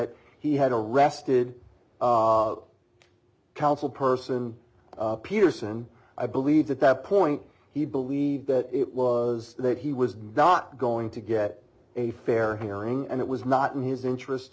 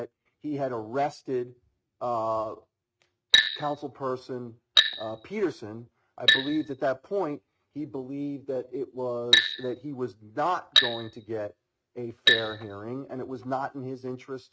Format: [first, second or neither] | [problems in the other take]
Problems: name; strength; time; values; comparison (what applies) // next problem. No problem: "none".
first | noise reduction (neural mask model RNNoise)